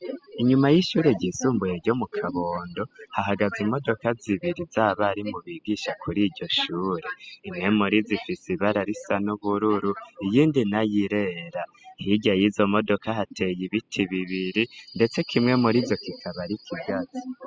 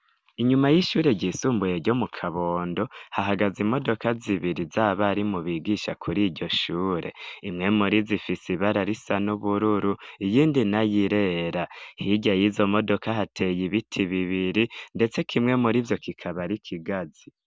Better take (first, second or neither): second